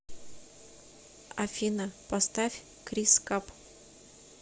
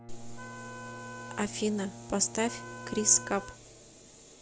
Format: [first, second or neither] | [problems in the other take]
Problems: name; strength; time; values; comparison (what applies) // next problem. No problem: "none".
first | background sound (Wind instrument, woodwind instrument + Bowed string instrument); 12 dB below the speech